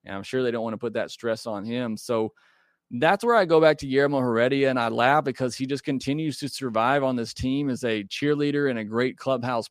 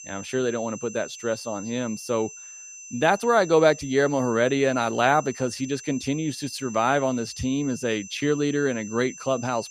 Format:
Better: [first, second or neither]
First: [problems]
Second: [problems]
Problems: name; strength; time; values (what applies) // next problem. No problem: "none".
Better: first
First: none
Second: high-pitched whine; noticeable; throughout; 6 kHz, 15 dB below the speech